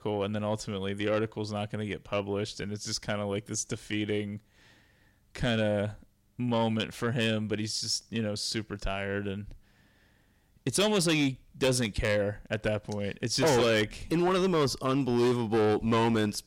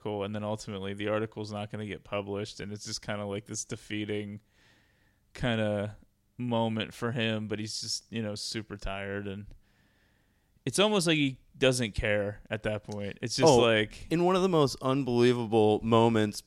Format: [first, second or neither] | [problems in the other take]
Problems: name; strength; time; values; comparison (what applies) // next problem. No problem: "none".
second | distortion; heavy; 8 dB below the speech